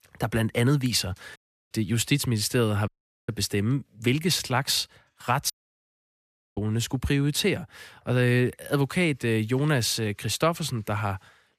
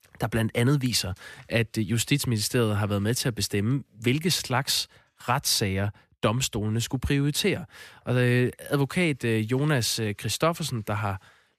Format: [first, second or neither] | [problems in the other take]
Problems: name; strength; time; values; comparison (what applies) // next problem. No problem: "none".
second | audio cutting out; at 1.5 s, at 3 s and at 5.5 s for 1 s